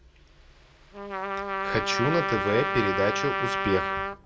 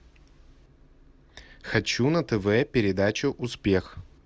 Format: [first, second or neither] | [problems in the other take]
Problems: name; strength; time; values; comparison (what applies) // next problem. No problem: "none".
second | background sound (Trumpet); 1 dB below the speech // room echo; dies away in 0.8 s